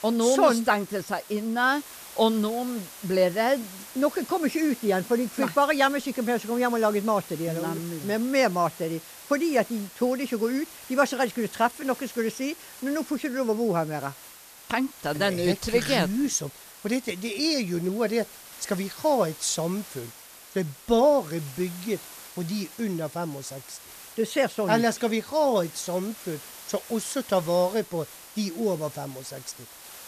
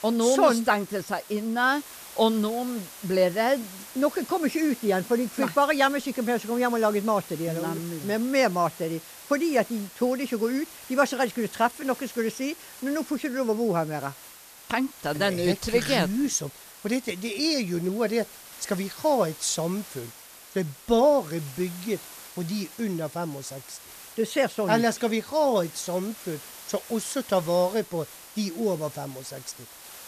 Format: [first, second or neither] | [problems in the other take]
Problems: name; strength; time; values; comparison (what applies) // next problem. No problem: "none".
neither | hiss; noticeable; throughout; 15 dB below the speech; the same in both